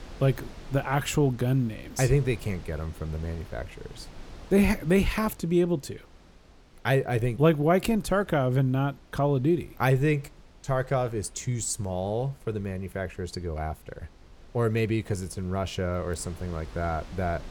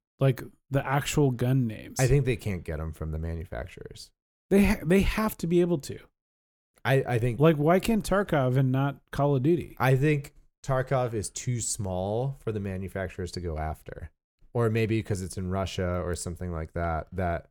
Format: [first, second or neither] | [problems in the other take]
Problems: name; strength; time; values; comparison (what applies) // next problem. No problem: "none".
second | wind noise on the microphone; occasional gusts; 25 dB below the speech